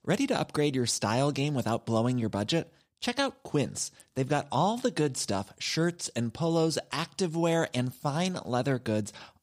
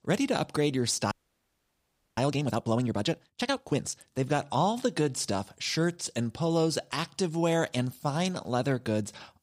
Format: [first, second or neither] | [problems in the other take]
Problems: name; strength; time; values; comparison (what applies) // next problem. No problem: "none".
first | audio freezing; at 1 s for 1 s